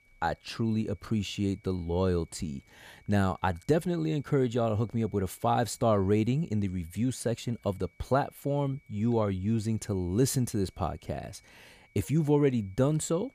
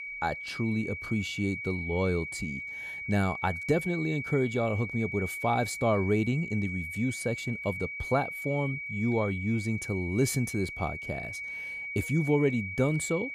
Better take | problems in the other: first | high-pitched whine; loud; throughout; 2.5 kHz, 6 dB below the speech; faint in the first

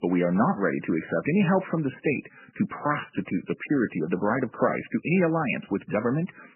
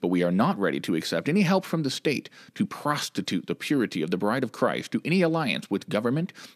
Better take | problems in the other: second | garbled, watery; badly; nothing above 3 kHz

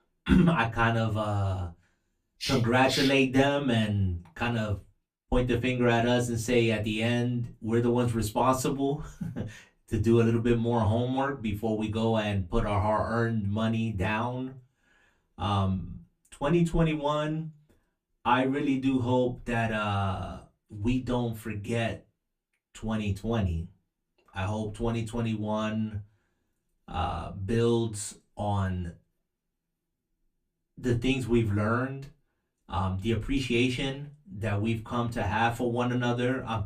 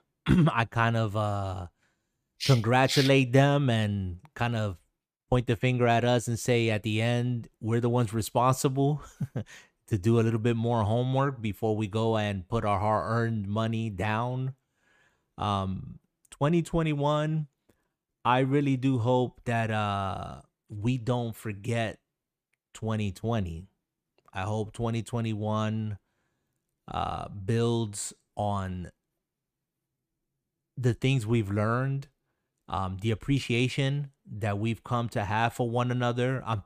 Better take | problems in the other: second | off-mic speech; far // room echo; very slight; dies away in 0.2 s

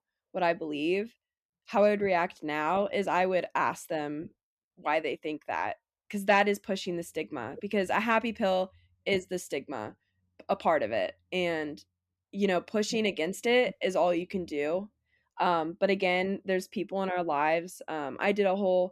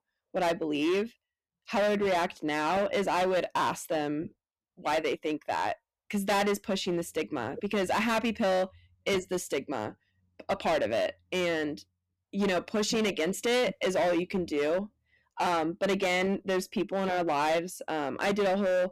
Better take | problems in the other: first | distortion; heavy; 15% of the sound clipped

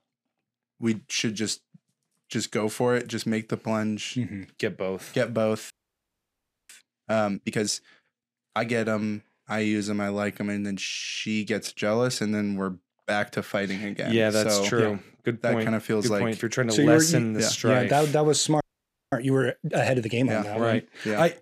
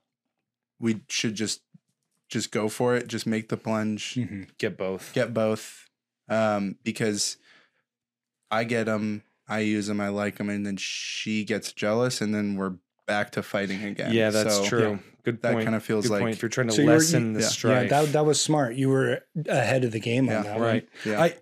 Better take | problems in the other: second | audio freezing; at 5.5 s for 1 s and at 19 s for 0.5 s

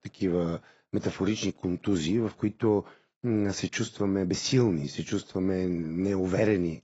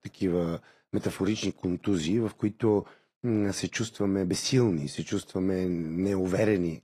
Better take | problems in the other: second | garbled, watery; badly; nothing above 7.5 kHz; slightly in the second

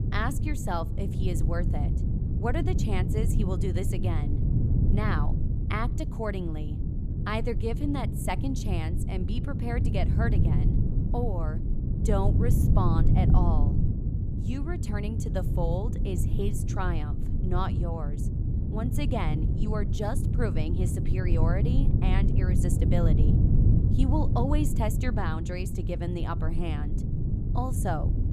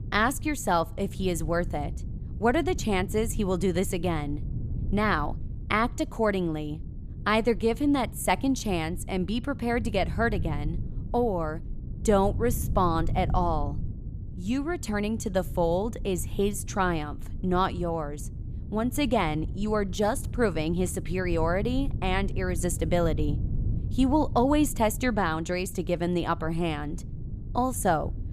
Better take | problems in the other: second | low rumble; loud; throughout; 4 dB below the speech; faint in the second

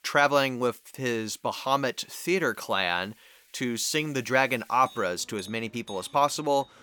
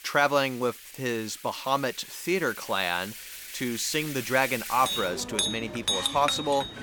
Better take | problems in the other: first | household noises; loud; throughout; 4 dB below the speech; faint in the first

